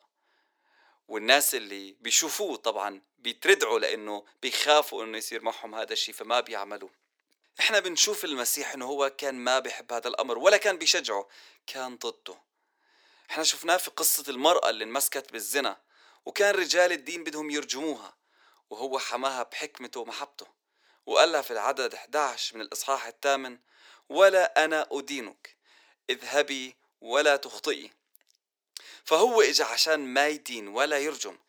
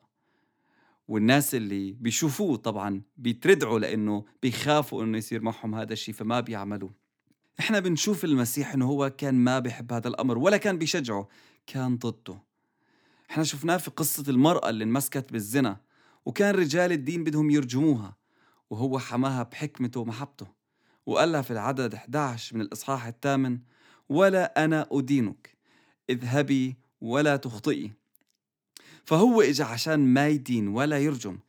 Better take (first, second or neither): second